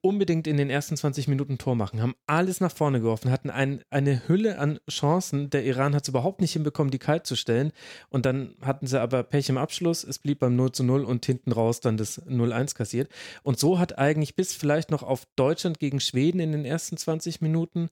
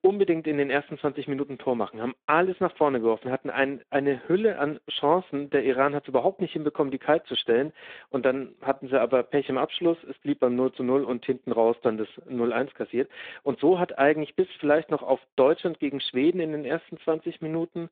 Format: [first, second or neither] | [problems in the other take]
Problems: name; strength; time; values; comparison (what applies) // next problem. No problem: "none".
first | phone-call audio; nothing above 3.5 kHz